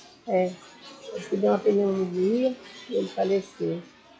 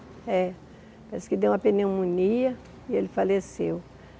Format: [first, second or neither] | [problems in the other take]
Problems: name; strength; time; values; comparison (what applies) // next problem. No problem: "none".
second | noise reduction (classical method log-MMSE)